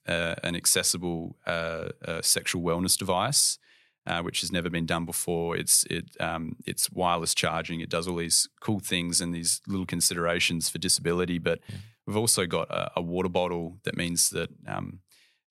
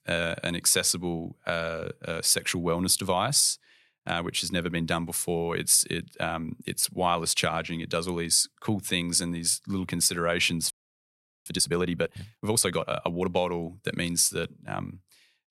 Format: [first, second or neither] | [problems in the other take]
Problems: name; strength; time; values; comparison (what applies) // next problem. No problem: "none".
first | audio freezing; at 11 s for 1 s